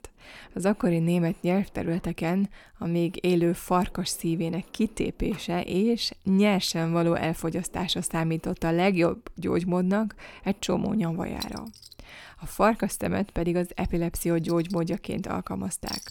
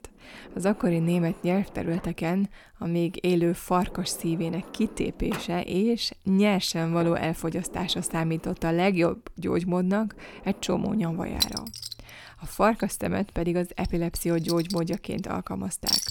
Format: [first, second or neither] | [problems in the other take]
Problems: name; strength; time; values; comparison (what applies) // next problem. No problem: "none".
first | household noises; loud; throughout; 9 dB below the speech; faint in the first